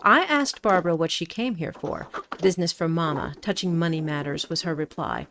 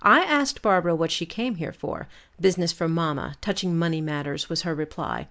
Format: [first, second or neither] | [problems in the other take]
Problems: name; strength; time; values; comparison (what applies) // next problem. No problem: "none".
second | noise reduction (neural mask model RNNoise)